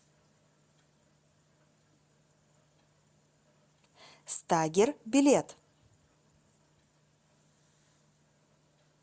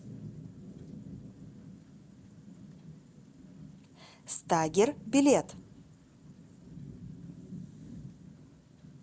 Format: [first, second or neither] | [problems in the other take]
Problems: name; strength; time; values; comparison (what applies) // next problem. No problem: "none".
first | background sound (Rain / Thunderstorm); 13 dB below the speech